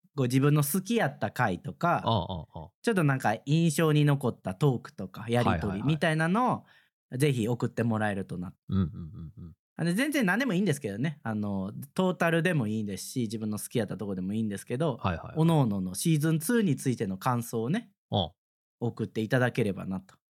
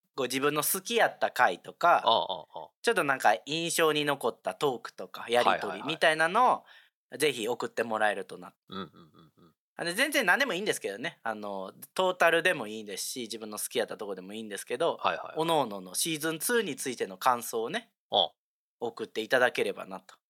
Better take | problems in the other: first | thin; very; fading below 600 Hz

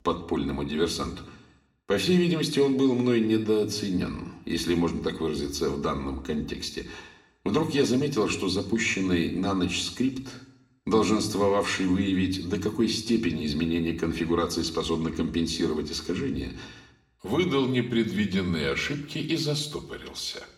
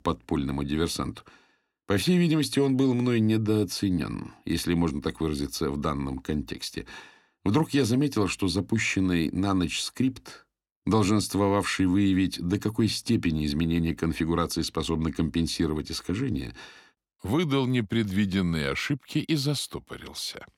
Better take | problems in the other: second | room echo; very slight; dies away in 0.7 s // off-mic speech; somewhat distant

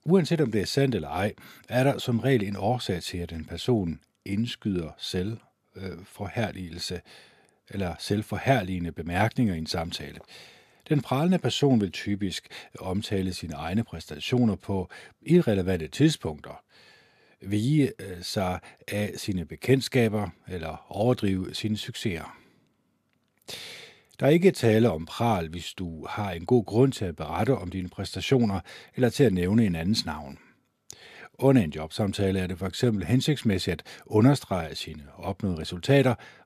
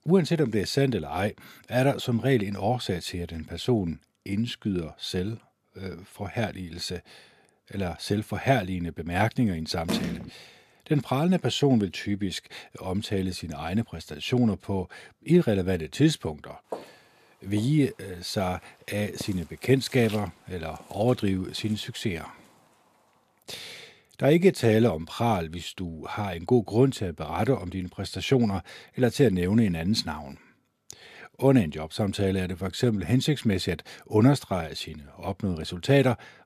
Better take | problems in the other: first | phone ringing; noticeable; at 10 s; peak 3 dB below the speech // footsteps; faint; from 17 to 21 s; peak 15 dB below the speech

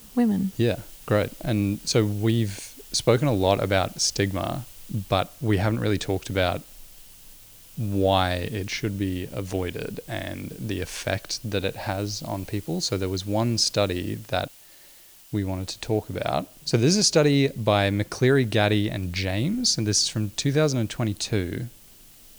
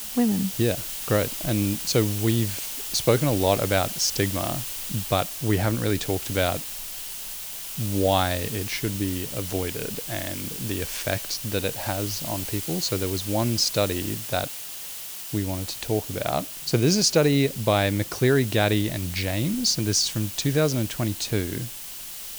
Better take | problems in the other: first | hiss; loud; throughout; 6 dB below the speech; faint in the first

